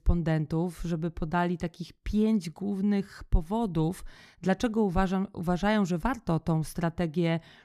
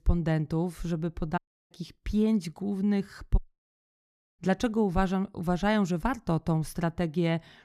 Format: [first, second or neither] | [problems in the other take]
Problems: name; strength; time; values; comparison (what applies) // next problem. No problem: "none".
first | audio cutting out; at 1.5 s and at 3.5 s for 1 s